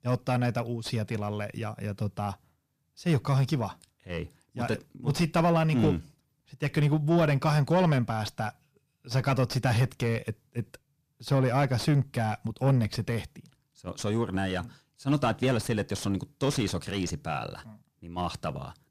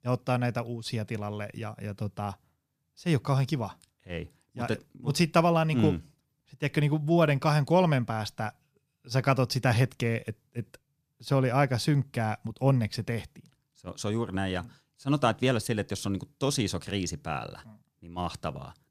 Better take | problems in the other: second | distortion; slight; 9 dB below the speech

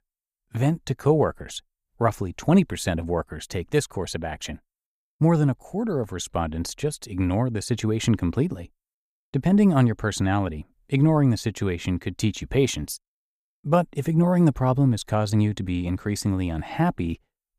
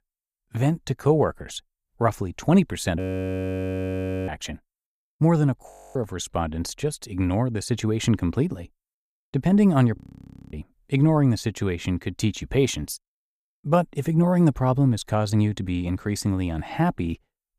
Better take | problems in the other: first | audio freezing; at 3 s for 1.5 s, at 5.5 s and at 10 s for 0.5 s

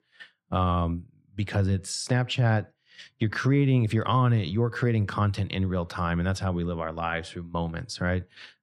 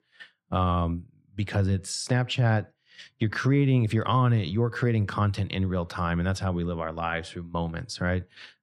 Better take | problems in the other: neither | none

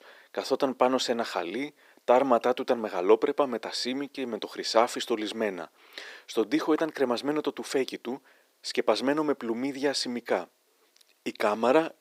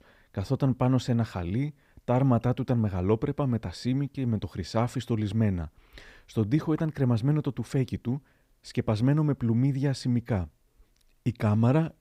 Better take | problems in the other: second | thin; very; fading below 350 Hz

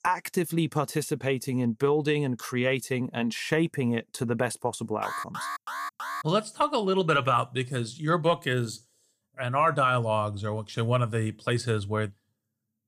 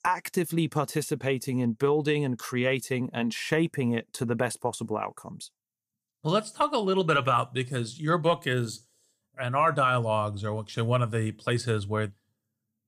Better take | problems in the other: second | alarm; noticeable; from 5 to 6 s; peak 6 dB below the speech

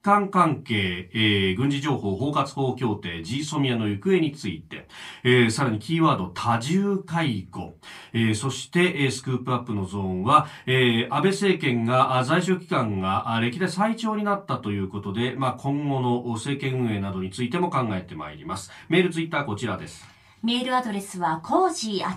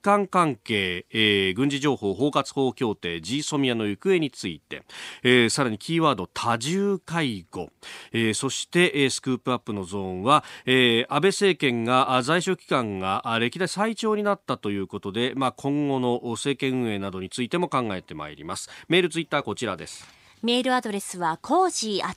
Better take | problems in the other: second | off-mic speech; far // room echo; very slight; dies away in 0.2 s

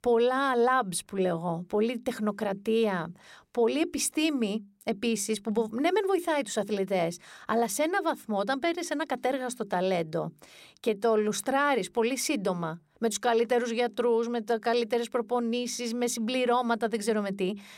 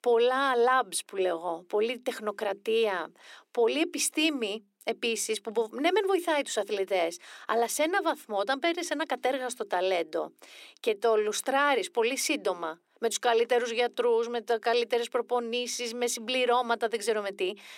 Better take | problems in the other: first | thin; somewhat; fading below 300 Hz

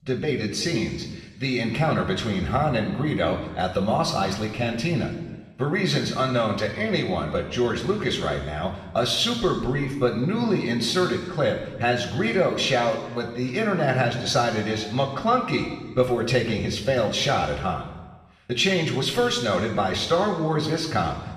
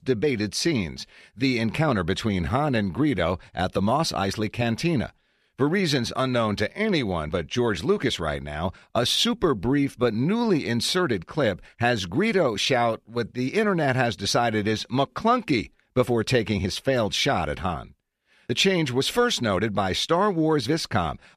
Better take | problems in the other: second | room echo; noticeable; dies away in 1.1 s // off-mic speech; somewhat distant

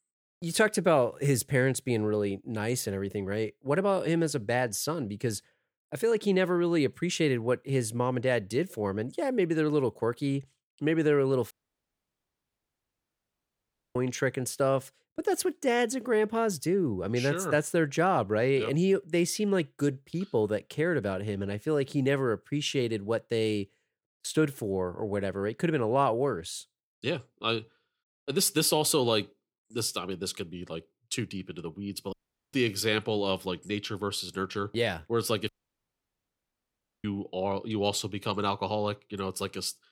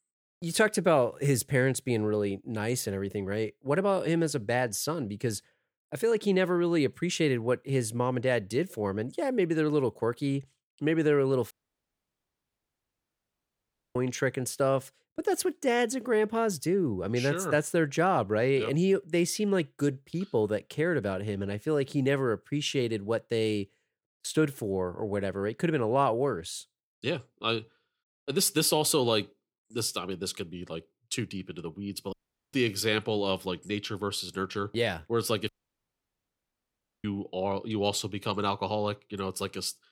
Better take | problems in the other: neither | audio cutting out; at 12 s for 2.5 s, at 32 s and at 35 s for 1.5 s; the same in both

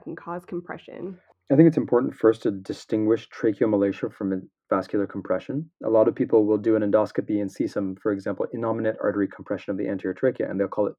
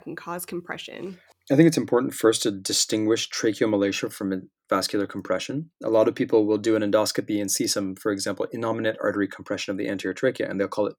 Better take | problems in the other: second | muffled; very; fading above 3 kHz

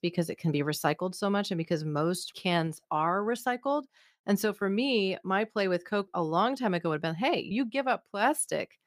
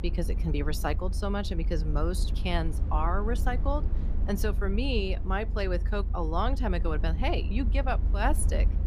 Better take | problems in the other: first | low rumble; noticeable; throughout; 15 dB below the speech

